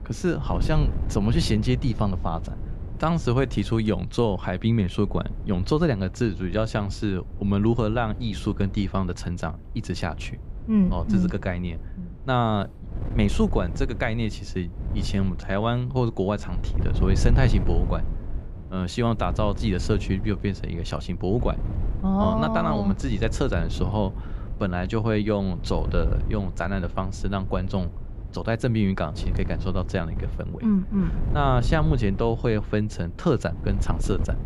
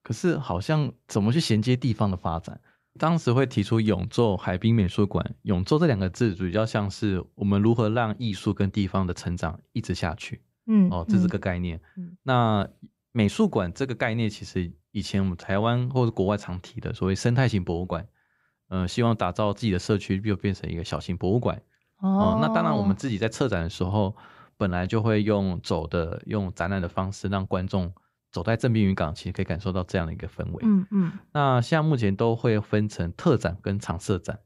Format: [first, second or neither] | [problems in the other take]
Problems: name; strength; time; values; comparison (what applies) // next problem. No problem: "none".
second | wind noise on the microphone; occasional gusts; 15 dB below the speech